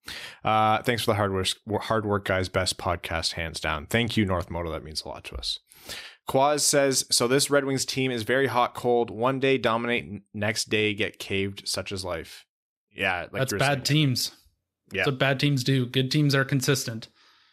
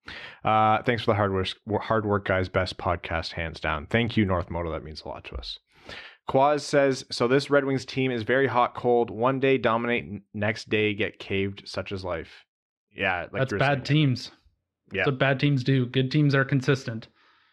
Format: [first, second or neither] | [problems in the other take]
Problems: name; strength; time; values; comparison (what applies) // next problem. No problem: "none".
first | muffled; slightly; fading above 3 kHz